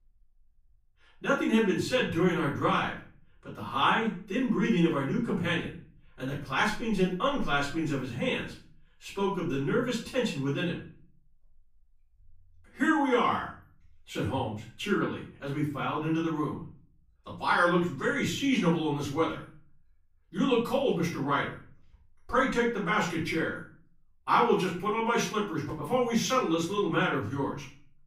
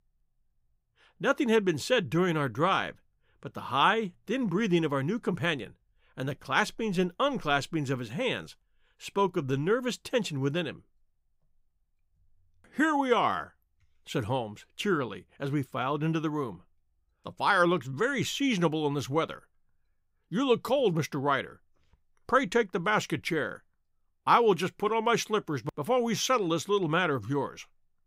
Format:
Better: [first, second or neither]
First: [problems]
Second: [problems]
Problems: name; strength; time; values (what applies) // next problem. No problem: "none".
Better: second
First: off-mic speech; far // room echo; noticeable; dies away in 0.4 s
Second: none